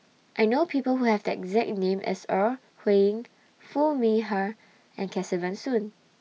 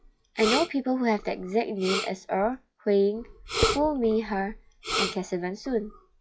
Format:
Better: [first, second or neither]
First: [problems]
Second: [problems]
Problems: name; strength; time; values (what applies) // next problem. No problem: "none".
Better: first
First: none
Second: noise reduction (classical method log-MMSE)